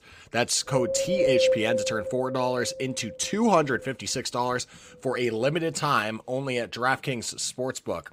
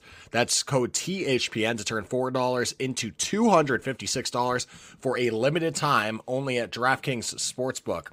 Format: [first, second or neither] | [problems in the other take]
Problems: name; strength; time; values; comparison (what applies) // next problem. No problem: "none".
second | wind noise on the microphone; heavy; 1 dB below the speech